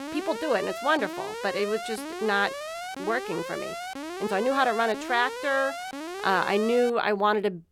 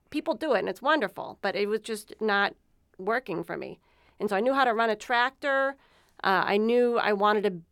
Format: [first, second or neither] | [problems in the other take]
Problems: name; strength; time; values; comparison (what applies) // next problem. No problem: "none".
second | alarm; noticeable; until 7 s; peak 8 dB below the speech